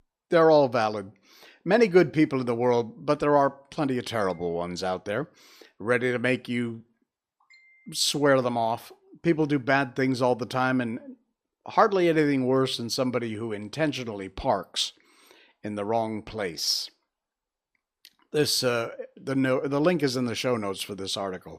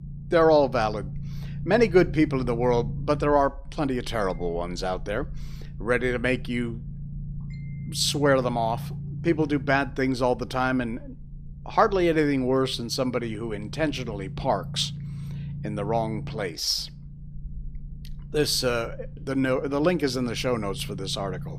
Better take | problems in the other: first | low rumble; faint; throughout; 25 dB below the speech

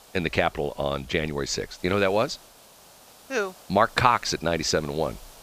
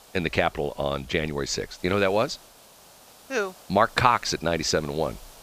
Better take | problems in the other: neither | hiss; faint; throughout; 25 dB below the speech; the same in both

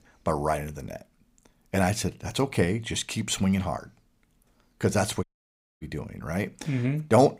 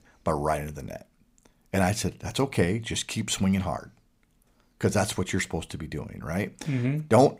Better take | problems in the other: second | audio cutting out; at 5 s for 0.5 s

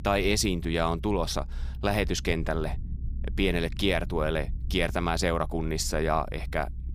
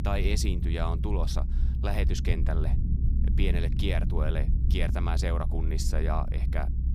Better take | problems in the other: first | low rumble; loud; throughout; 9 dB below the speech; faint in the first

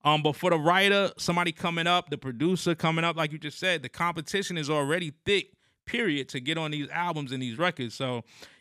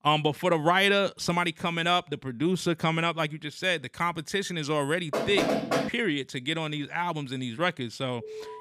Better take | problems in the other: first | door banging; loud; at 5 s; peak 1 dB above the speech // alarm; faint; at 8 s; peak 15 dB below the speech

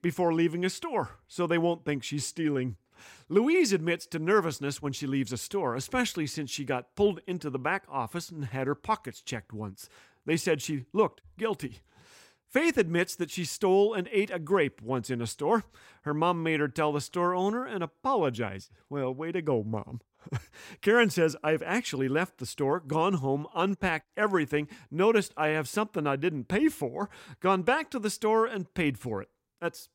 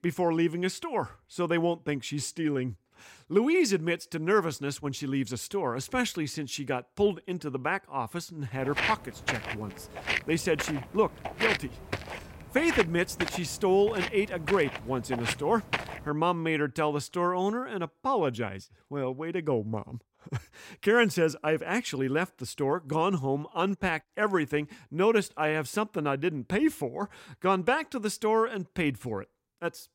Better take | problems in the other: first | footsteps; loud; from 8.5 to 16 s; peak 1 dB above the speech

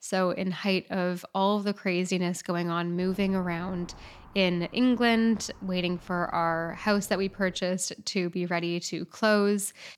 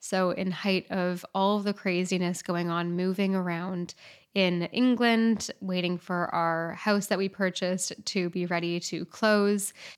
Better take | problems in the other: second | wind noise on the microphone; occasional gusts; from 3 to 7.5 s; 25 dB below the speech

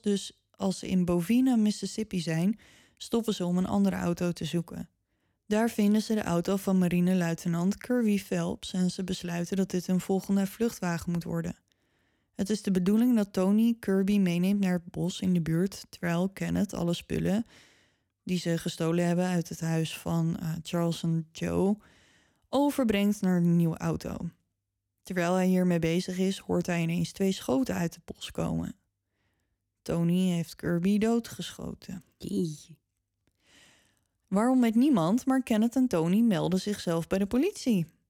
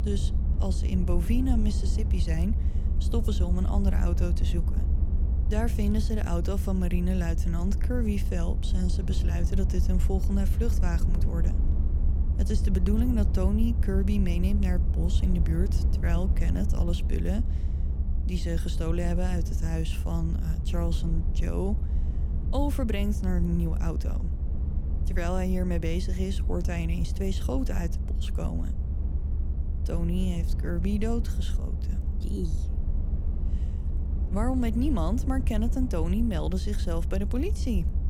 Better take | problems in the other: first | low rumble; loud; throughout; 9 dB below the speech

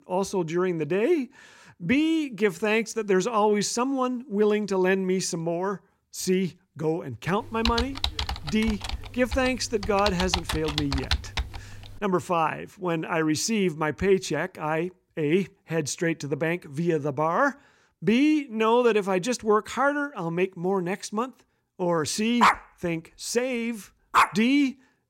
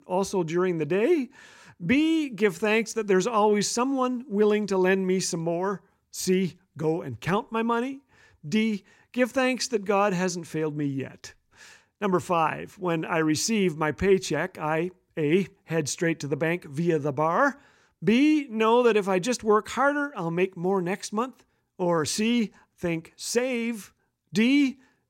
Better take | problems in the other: second | keyboard typing; noticeable; from 7.5 to 12 s; peak 1 dB below the speech // dog barking; loud; from 22 to 24 s; peak 4 dB above the speech

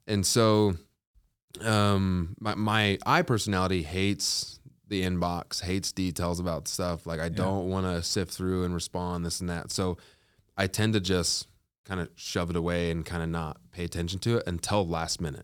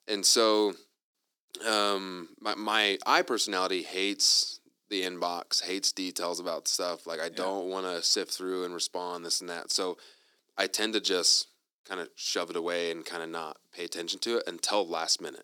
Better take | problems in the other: first | thin; somewhat; fading below 300 Hz

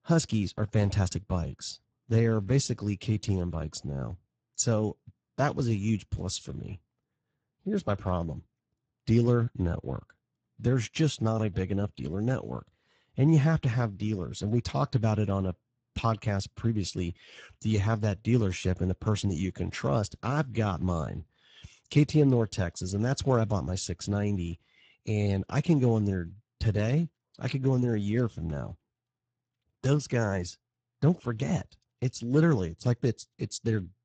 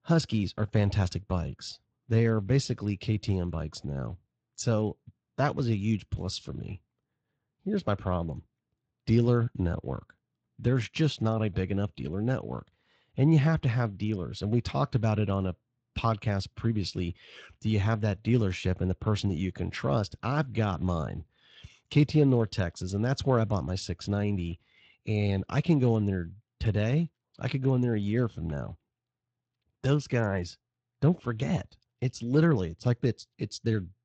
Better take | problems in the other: second | garbled, watery; badly; nothing above 7.5 kHz; slightly in the second

